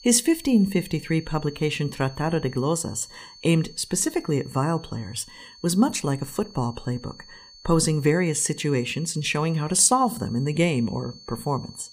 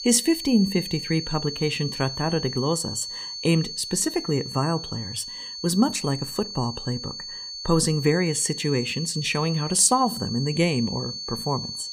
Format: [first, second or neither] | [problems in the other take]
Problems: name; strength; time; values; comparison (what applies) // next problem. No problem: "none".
first | high-pitched whine; loud; throughout; 4.5 kHz, 7 dB below the speech; faint in the first